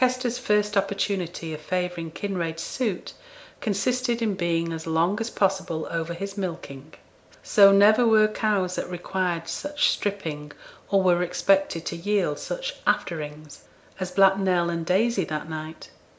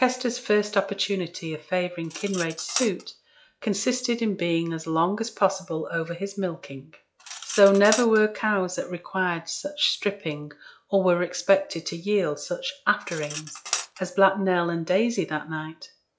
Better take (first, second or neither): first